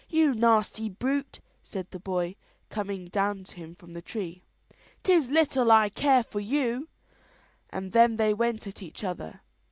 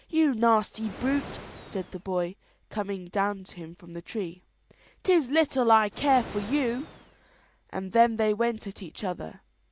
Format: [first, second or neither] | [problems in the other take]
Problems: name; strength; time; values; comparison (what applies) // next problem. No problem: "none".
first | background sound (Animal); 15 dB below the speech